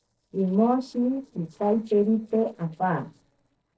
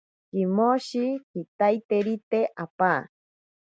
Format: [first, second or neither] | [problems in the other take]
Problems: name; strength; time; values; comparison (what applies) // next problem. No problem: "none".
second | noise reduction (neural separator model SepFormer DNS4)